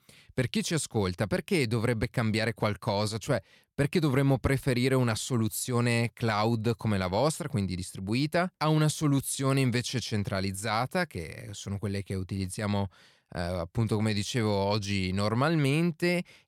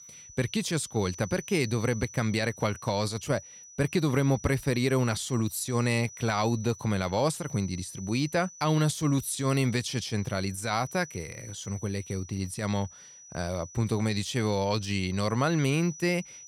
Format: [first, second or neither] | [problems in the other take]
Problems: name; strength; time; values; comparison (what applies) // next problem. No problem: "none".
first | high-pitched whine; noticeable; throughout; 6 kHz, 15 dB below the speech